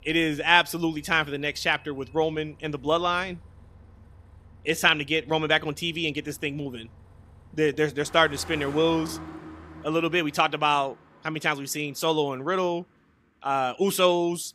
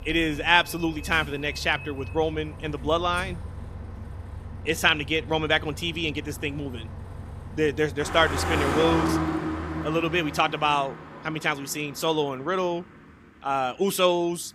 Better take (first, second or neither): first